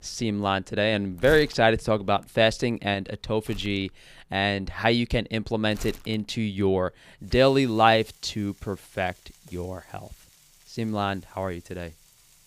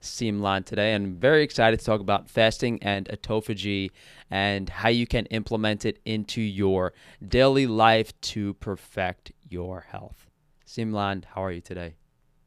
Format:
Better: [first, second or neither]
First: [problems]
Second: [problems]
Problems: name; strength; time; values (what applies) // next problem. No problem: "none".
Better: second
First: household noises; faint; throughout; 25 dB below the speech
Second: none